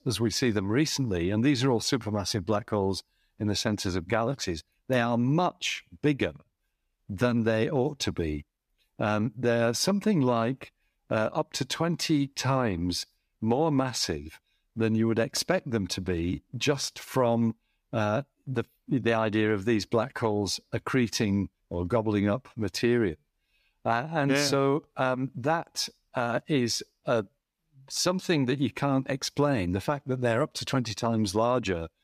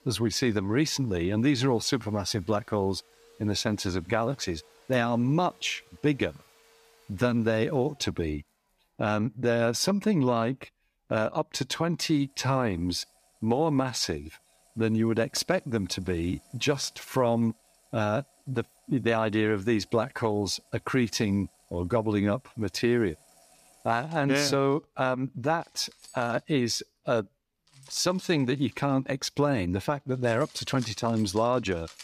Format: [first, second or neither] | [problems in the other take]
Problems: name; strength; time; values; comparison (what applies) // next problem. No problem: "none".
first | household noises; faint; throughout; 30 dB below the speech